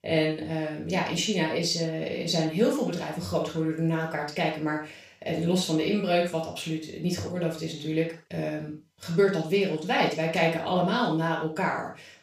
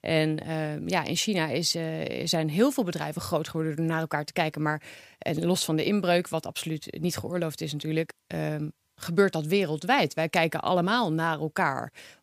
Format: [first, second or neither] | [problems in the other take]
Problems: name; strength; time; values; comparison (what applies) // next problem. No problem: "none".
second | room echo; noticeable; dies away in 0.3 s // off-mic speech; far